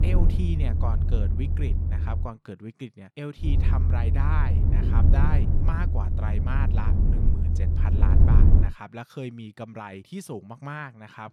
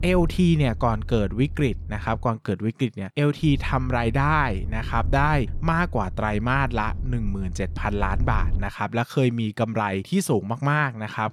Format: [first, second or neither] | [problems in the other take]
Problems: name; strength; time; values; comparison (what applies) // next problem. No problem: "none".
second | low rumble; loud; until 2.5 s and from 3.5 to 8.5 s; 1 dB below the speech; faint in the second